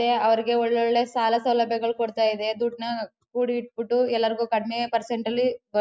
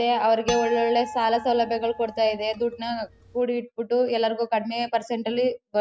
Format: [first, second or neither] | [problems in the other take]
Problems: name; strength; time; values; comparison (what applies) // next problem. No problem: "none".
first | background sound (Harp); 12 dB below the speech